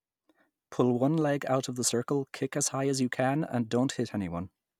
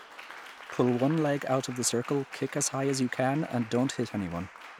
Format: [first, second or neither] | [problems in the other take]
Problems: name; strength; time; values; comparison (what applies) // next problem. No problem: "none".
first | background sound (Applause); 16 dB below the speech